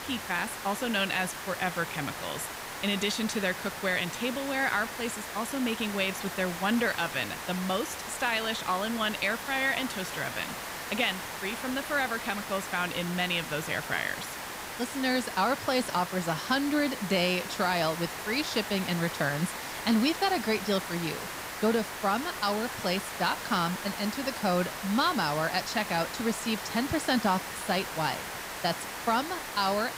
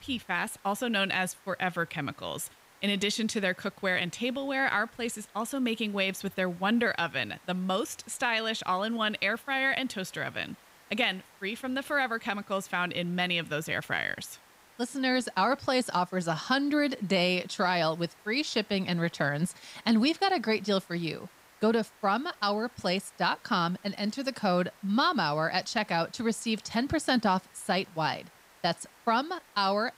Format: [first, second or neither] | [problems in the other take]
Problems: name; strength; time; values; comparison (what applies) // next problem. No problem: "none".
second | hiss; loud; throughout; 7 dB below the speech; faint in the second